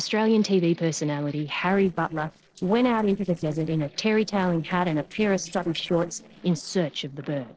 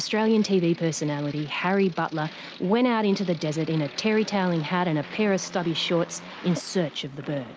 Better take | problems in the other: second | noise reduction (neural separator model SepFormer DNS4)

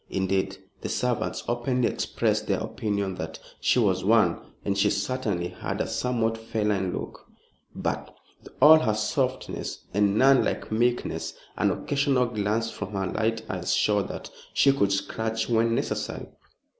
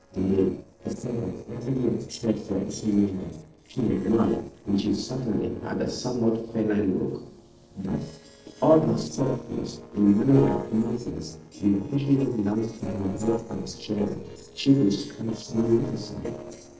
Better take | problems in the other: first | noise reduction (neural separator model SepFormer DNS4)

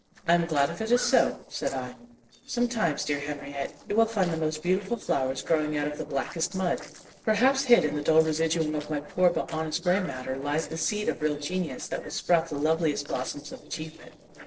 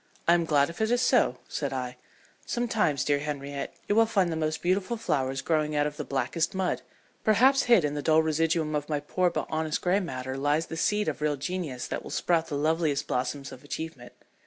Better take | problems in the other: second | noise reduction (neural separator model SepFormer DNS4)

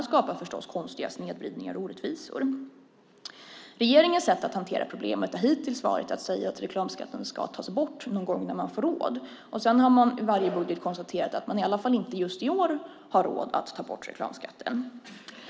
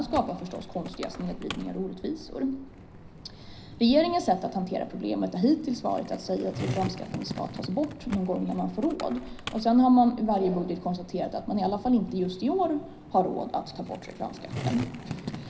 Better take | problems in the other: first | background sound (Skateboard); 12 dB below the speech // room echo; dies away in 0.4 s

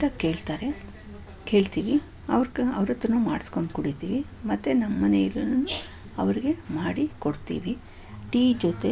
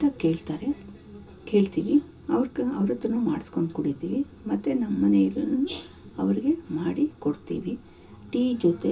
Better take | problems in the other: first | room echo; dies away in 0.2 s

